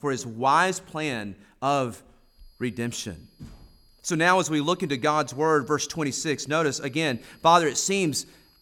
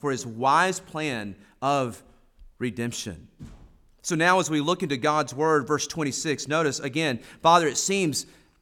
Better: second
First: high-pitched whine; faint; from 2.5 s on; 5 kHz, 35 dB below the speech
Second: none

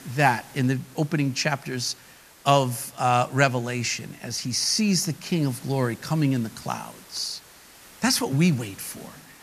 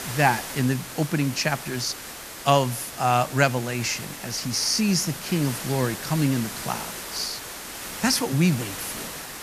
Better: first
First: hiss; faint; throughout; 25 dB below the speech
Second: hiss; loud; throughout; 9 dB below the speech

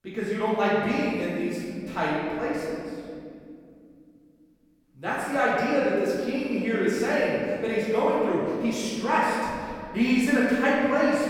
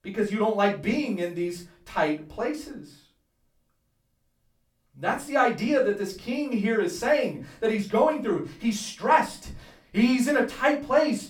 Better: second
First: room echo; strong; dies away in 2.6 s // off-mic speech; far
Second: room echo; slight; dies away in 0.3 s // off-mic speech; far

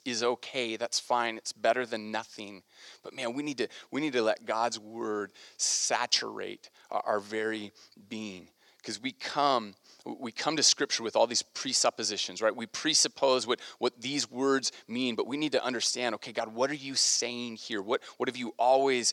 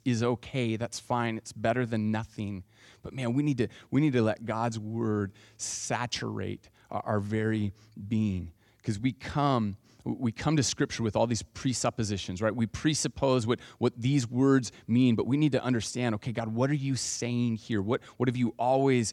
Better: second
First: thin; somewhat; fading below 500 Hz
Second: none

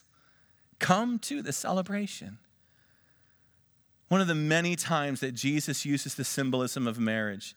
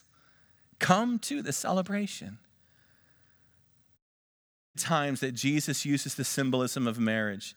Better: first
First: none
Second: audio cutting out; at 4 s for 1 s

